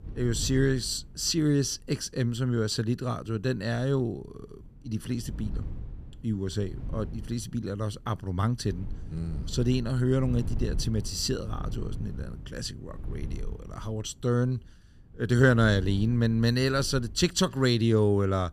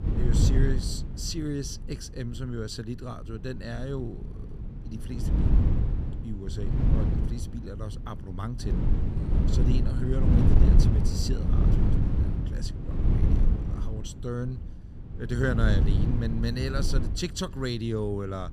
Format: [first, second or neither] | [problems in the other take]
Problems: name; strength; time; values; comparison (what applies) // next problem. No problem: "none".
first | wind noise on the microphone; heavy; 2 dB below the speech; occasional gusts in the first